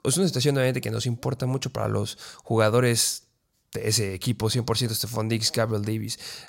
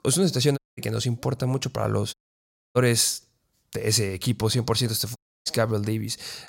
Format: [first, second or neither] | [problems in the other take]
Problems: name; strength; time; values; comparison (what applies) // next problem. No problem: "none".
first | audio cutting out; at 0.5 s, at 2 s for 0.5 s and at 5 s